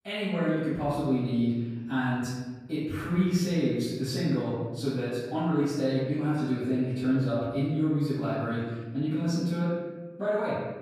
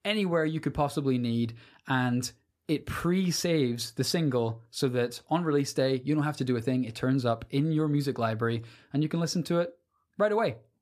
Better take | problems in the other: second | off-mic speech; far // room echo; strong; dies away in 1.3 s

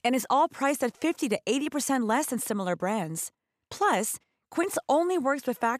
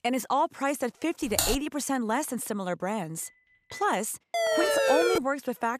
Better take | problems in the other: first | keyboard typing; loud; at 1.5 s; peak 3 dB above the speech // phone ringing; faint; at 3 s; peak 15 dB below the speech // siren; loud; at 4.5 s; peak 5 dB above the speech

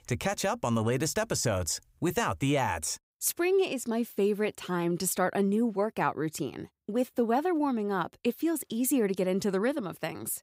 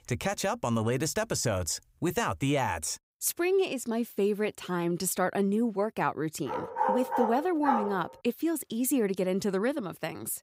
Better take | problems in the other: first | dog barking; loud; from 6.5 to 8 s; peak 1 dB above the speech

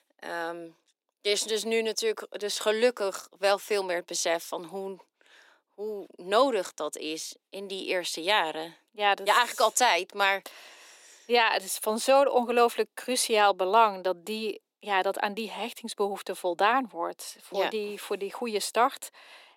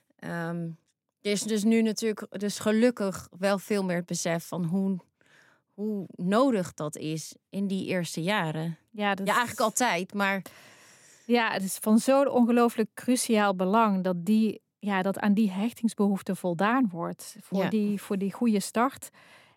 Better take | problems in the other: second | thin; very; fading below 350 Hz

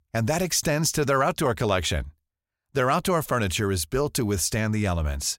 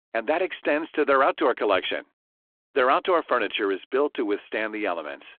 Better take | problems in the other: first | phone-call audio

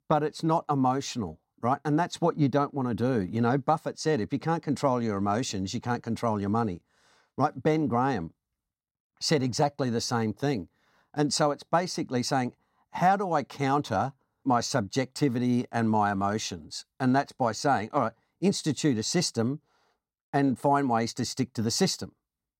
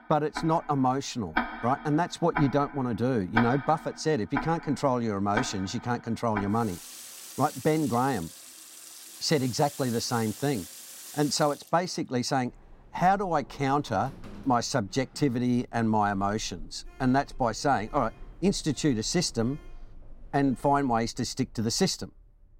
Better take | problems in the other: first | household noises; noticeable; throughout; 10 dB below the speech

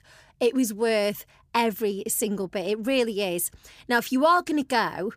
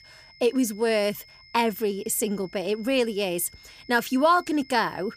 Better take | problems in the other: first | high-pitched whine; faint; throughout; 2 kHz, 25 dB below the speech

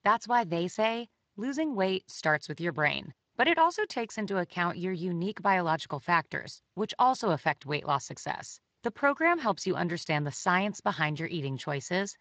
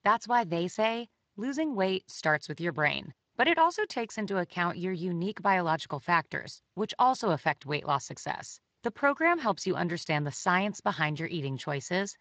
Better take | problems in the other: neither | garbled, watery; slightly; nothing above 7.5 kHz; the same in both

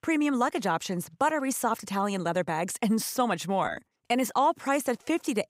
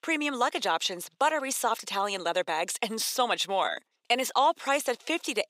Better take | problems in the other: first | thin; somewhat; fading below 450 Hz

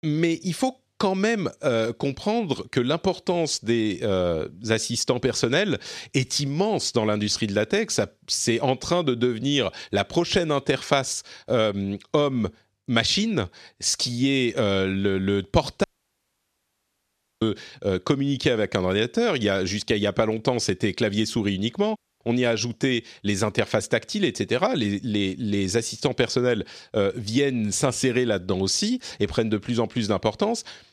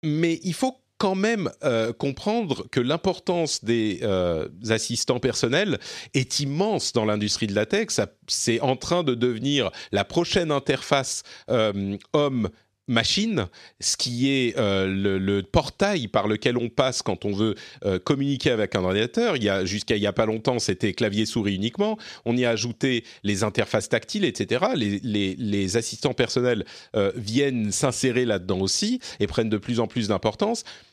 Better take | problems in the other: second | audio cutting out; at 16 s for 1.5 s and at 22 s

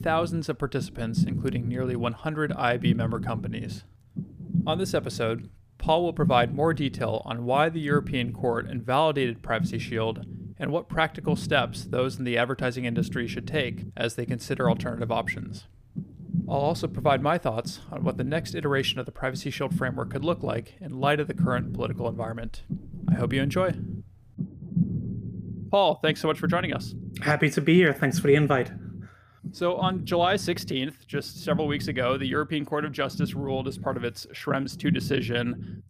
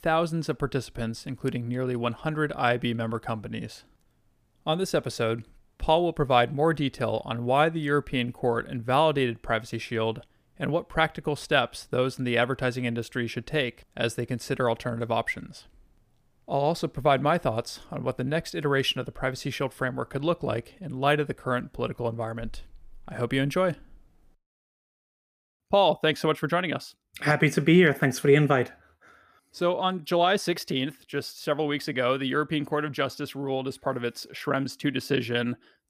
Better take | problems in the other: second | low rumble; noticeable; throughout; 15 dB below the speech

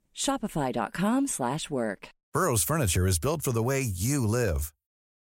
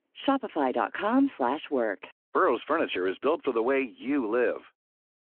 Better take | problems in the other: first | phone-call audio

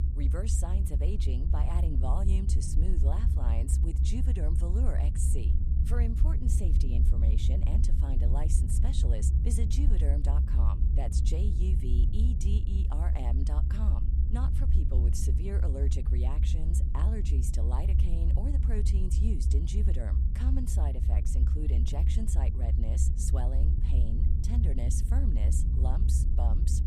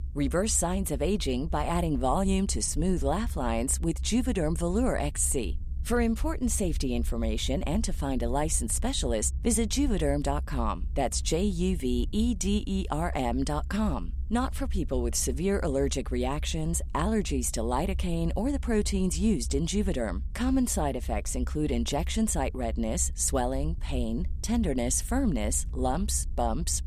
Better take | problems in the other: second | low rumble; loud; throughout; 2 dB below the speech; faint in the second

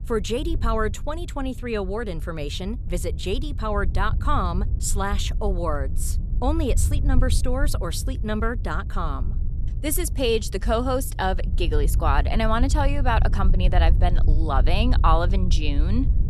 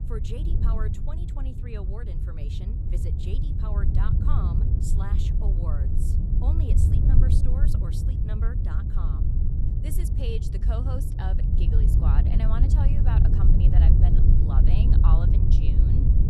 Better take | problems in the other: first | wind noise on the microphone; heavy; 2 dB above the speech; occasional gusts in the first

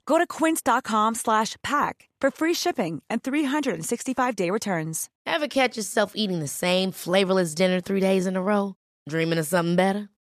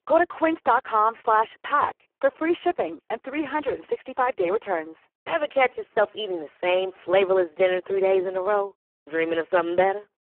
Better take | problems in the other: first | phone-call audio; poor line

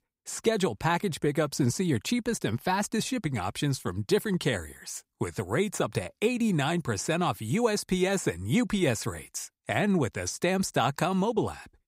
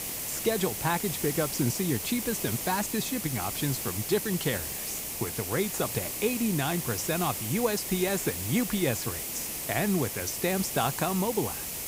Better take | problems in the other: first | hiss; loud; throughout; 2 dB below the speech

